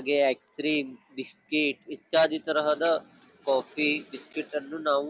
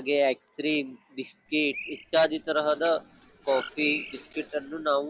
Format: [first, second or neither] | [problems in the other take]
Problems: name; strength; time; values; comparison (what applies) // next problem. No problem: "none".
first | background sound (Bird); 14 dB below the speech